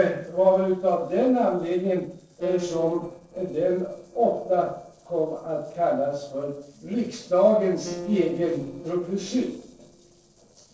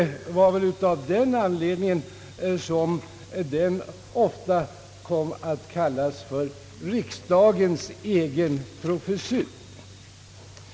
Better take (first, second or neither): second